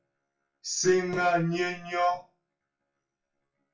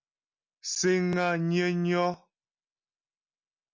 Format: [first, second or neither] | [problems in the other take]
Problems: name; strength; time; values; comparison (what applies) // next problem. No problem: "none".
second | noise reduction (classical method WPE with log-MMSE)